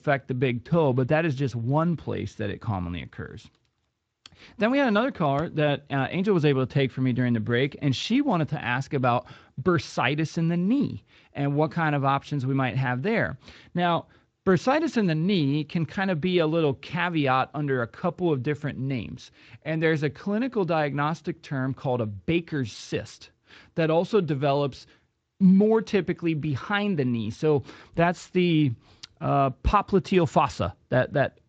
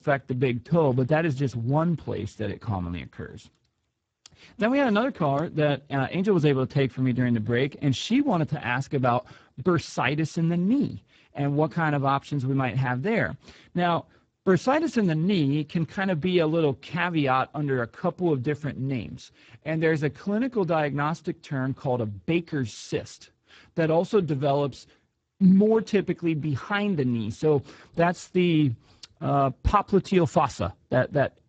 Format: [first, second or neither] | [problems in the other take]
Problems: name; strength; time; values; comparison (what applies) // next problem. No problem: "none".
first | garbled, watery; badly; nothing above 7.5 kHz; slightly in the first